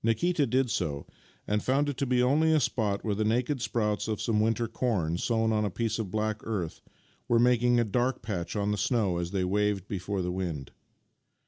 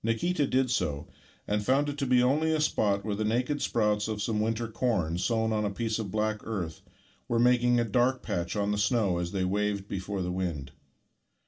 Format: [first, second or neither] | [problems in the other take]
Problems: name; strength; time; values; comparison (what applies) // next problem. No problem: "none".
first | room echo; dies away in 0.2 s